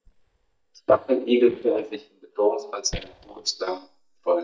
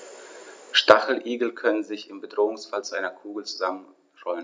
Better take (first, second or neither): second